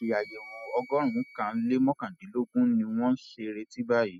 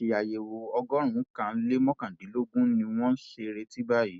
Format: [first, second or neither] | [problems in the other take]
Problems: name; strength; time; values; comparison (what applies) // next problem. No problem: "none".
second | noise reduction (classical method spectral subtraction)